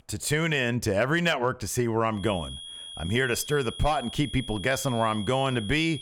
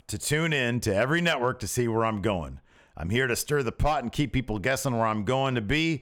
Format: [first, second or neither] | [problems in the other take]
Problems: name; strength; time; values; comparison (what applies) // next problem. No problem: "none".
second | high-pitched whine; noticeable; from 2 s on; 3.5 kHz, 10 dB below the speech